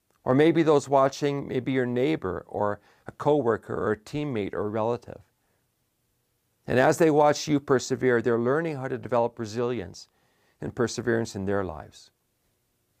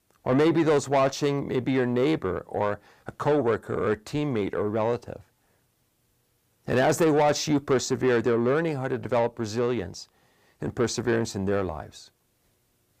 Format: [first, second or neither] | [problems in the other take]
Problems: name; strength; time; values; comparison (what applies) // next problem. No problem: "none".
first | distortion; slight; 10 dB below the speech